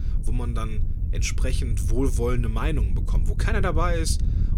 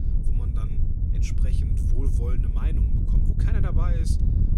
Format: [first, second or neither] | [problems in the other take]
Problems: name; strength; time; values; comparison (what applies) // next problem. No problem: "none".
first | wind noise on the microphone; heavy; 1 dB above the speech; occasional gusts in the first